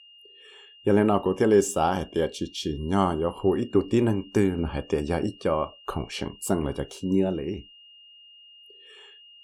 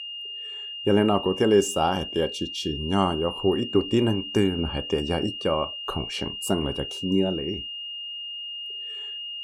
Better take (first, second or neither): first